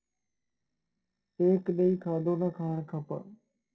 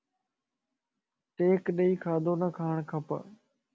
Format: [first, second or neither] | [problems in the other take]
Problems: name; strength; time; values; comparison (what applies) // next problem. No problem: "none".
second | noise reduction (neural separator model SepFormer DNS4)